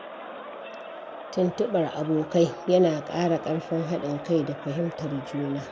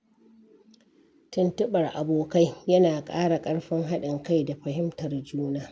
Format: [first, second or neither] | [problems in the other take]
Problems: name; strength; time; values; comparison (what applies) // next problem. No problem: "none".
second | background sound (Crowd); 12 dB below the speech